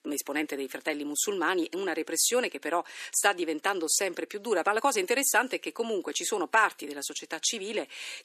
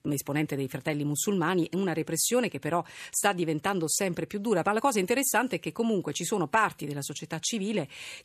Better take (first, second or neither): second